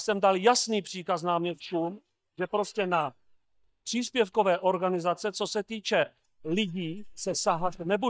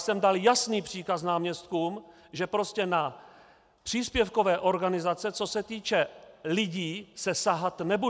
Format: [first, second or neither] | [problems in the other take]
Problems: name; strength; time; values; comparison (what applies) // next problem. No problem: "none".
second | noise reduction (neural mask model DeepFilterNet 3)